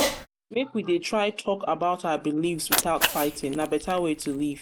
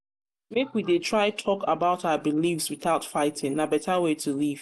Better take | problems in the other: second | background sound (Cat); 6 dB below the speech

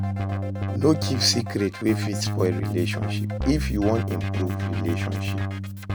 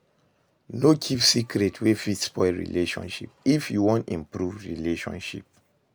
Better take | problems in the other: second | background sound (Keyboard (musical)); as loud as the speech

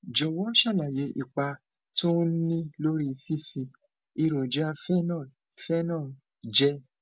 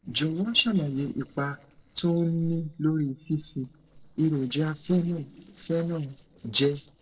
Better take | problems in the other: first | noise reduction (neural separator model SepFormer DNS4)

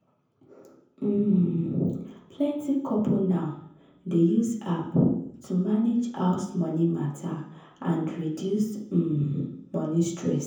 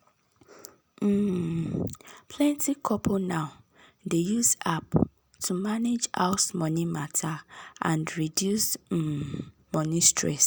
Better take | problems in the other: second | room echo; dies away in 0.7 s

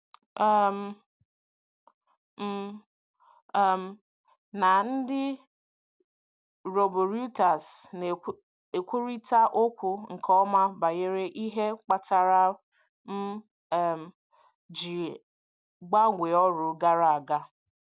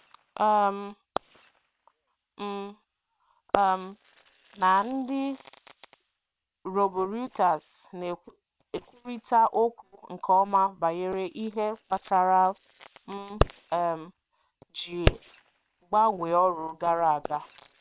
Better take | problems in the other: first | noise reduction (neural separator model SepFormer WHAM!)

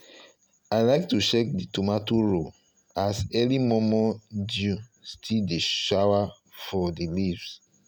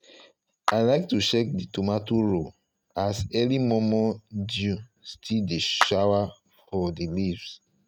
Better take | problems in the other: first | noise reduction (neural mask model RNNoise)

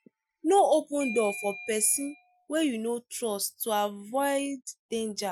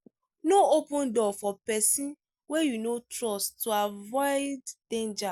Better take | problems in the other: second | noise reduction (classical method Wiener filter)

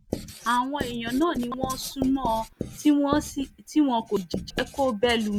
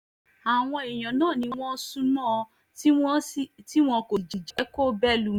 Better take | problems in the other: second | background sound (Writing); 11 dB below the speech

